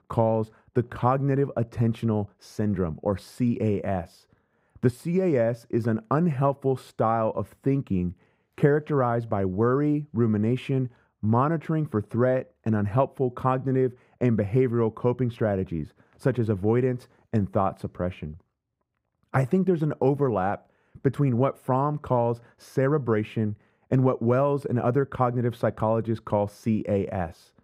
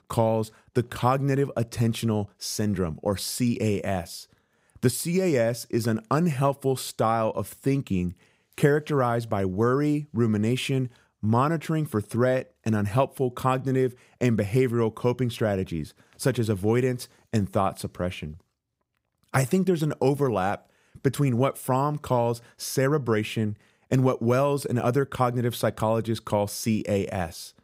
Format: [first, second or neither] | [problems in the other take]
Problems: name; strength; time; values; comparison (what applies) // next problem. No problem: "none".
second | muffled; very; fading above 2.5 kHz